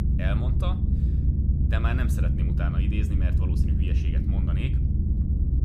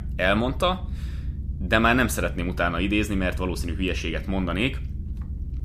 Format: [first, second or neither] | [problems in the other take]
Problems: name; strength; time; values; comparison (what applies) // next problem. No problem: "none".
second | low rumble; loud; throughout; 1 dB below the speech; faint in the second